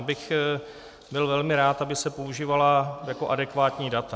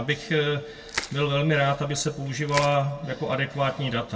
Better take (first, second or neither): first